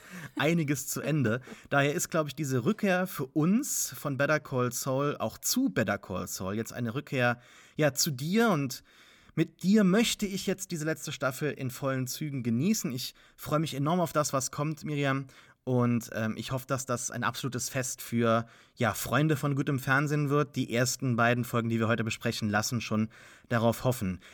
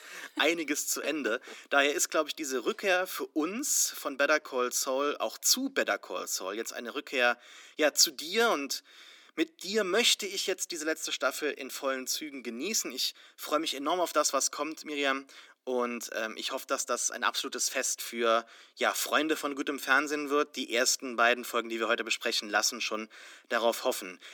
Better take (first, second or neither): first